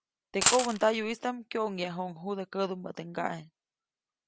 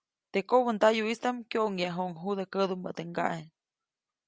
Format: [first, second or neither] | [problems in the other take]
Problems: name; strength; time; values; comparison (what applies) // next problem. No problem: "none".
second | background sound (Coin (dropping)); 3 dB above the speech